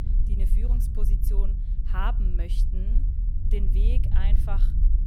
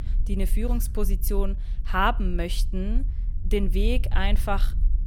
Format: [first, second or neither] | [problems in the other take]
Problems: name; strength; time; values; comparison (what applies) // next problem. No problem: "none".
second | low rumble; loud; throughout; 6 dB below the speech; faint in the second